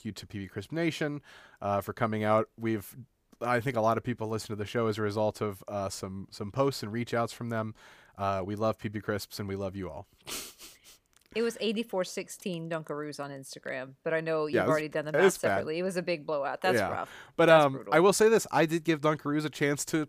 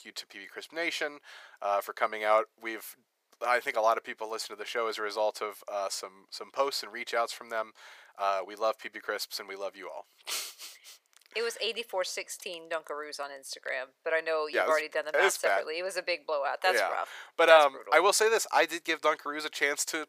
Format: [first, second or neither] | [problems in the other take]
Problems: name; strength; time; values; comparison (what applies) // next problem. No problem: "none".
first | thin; very; fading below 550 Hz